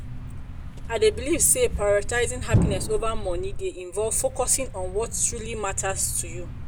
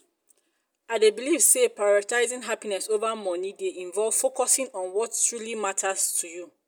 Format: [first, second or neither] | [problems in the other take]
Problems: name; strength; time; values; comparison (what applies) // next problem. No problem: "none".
second | background sound (Thump, thud); 3 dB below the speech